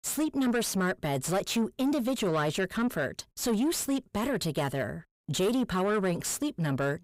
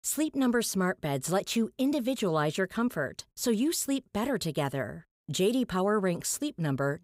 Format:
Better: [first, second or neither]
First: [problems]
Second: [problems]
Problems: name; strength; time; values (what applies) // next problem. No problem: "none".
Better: second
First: distortion; slight; 10 dB below the speech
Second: none